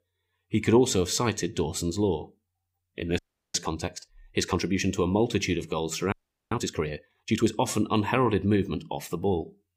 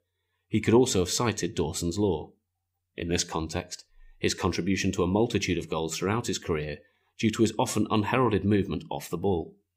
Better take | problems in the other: second | audio freezing; at 3 s and at 6 s

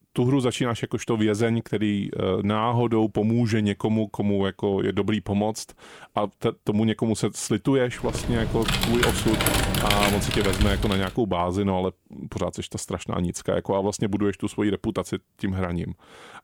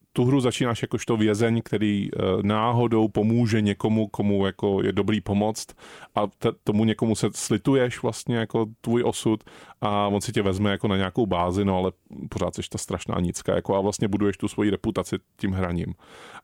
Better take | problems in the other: second | keyboard typing; loud; from 8 to 11 s; peak 3 dB above the speech

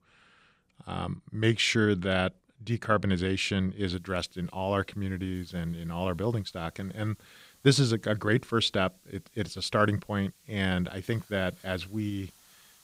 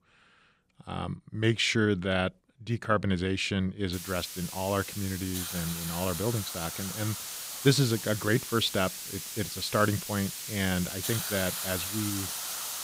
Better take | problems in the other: first | hiss; loud; from 4 s on; 5 dB below the speech; faint in the first

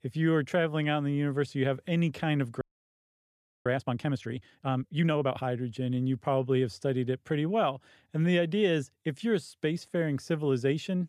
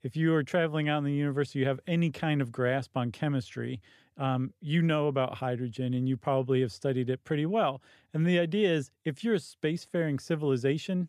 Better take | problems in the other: second | audio freezing; at 2.5 s for 1 s

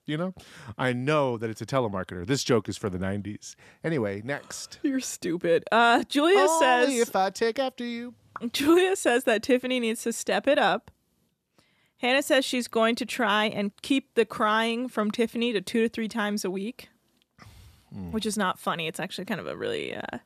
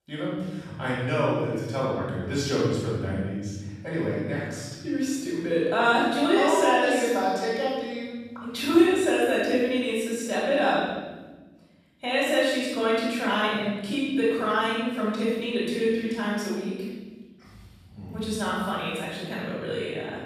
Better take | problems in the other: first | off-mic speech; far // room echo; strong; dies away in 1.6 s

